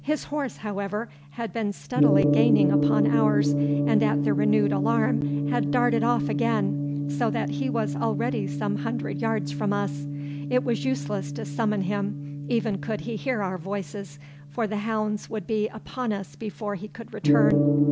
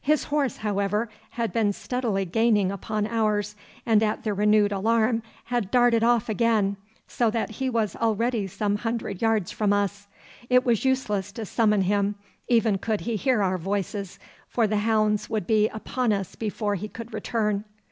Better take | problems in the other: second | background sound (Gong); 1 dB above the speech

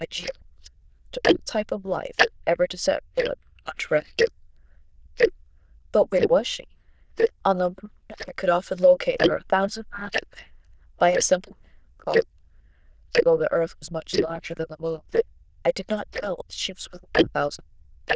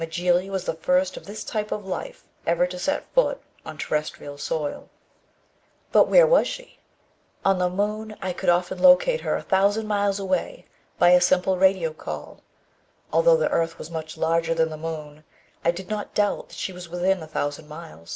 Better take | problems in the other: second | noise reduction (neural diffusion model UNIVERSE++)

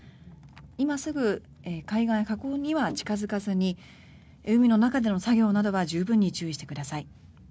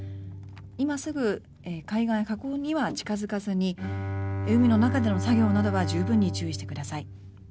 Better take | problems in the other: first | background sound (Bowed string instrument); 5 dB below the speech

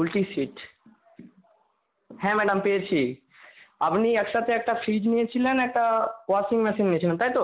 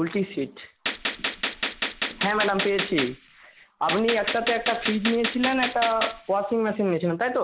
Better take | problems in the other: first | background sound (Gunshot, gunfire); 5 dB below the speech

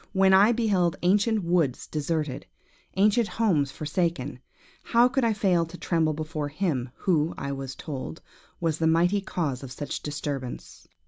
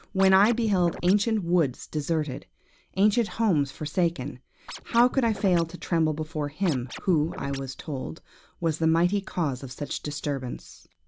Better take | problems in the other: first | background sound (Scratching (performance technique)); 12 dB below the speech

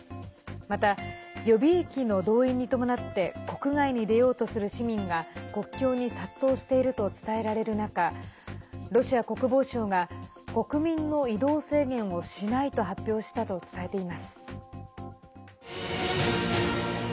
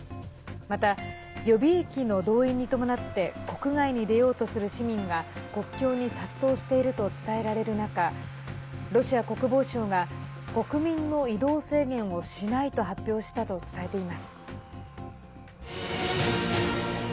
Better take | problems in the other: first | background sound (Accelerating, revving, vroom / Motor vehicle (road)); 16 dB below the speech

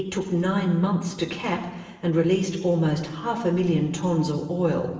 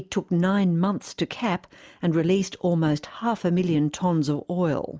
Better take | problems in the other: second | room echo; dies away in 1.2 s

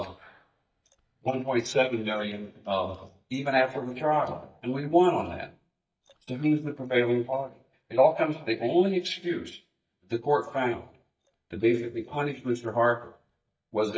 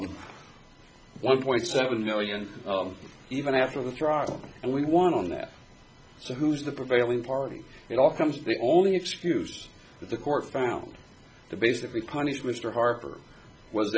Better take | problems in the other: second | noise reduction (neural mask model DeepFilterNet 3)

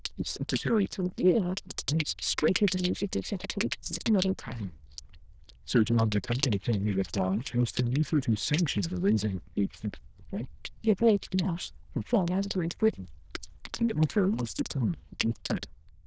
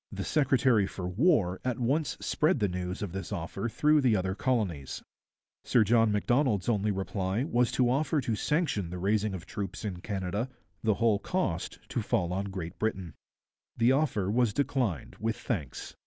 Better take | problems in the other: second | noise reduction (neural diffusion model UNIVERSE++)

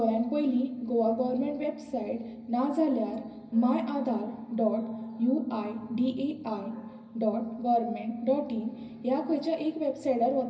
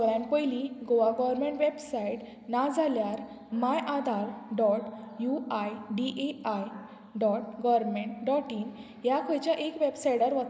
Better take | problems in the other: second | room echo; dies away in 0.4 s

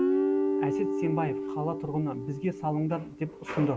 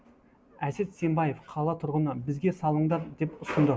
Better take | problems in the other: second | background sound (Guitar); 1 dB above the speech

